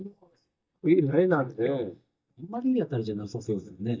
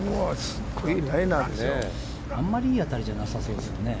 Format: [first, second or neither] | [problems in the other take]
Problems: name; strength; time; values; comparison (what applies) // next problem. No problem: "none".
second | noise reduction (neural mask model DeepFilterNet 3)